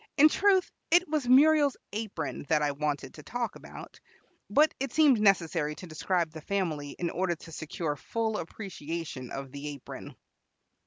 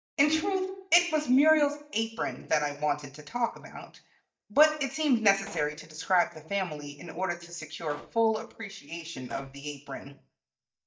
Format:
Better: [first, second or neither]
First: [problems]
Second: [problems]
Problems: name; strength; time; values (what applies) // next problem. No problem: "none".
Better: first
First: none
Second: noise reduction (neural mask model DeepFilterNet 3)